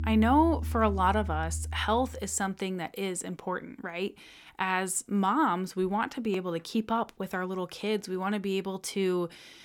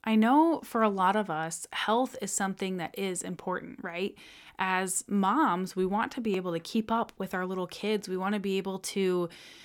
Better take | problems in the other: second | background music; loud; until 2 s; 6 dB below the speech

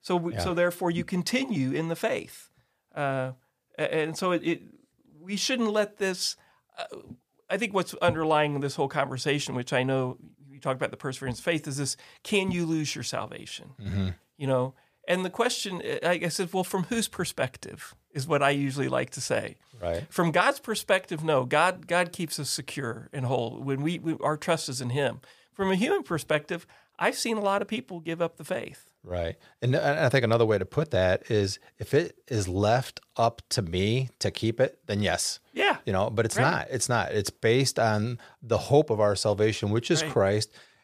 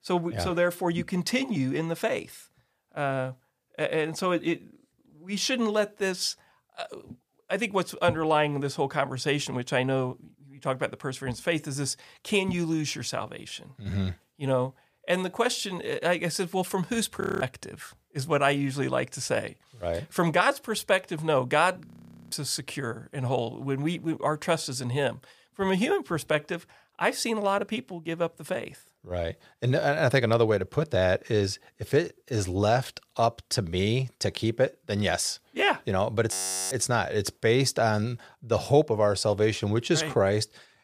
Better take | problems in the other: first | audio freezing; at 17 s, at 22 s and at 36 s

